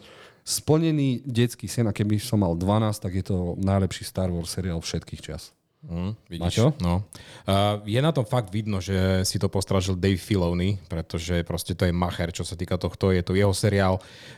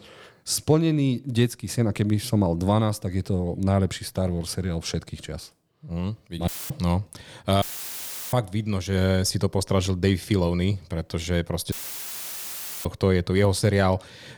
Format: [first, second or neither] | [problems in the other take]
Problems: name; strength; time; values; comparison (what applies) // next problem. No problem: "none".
first | audio cutting out; filled with static; at 6.5 s, at 7.5 s for 0.5 s and at 12 s for 1 s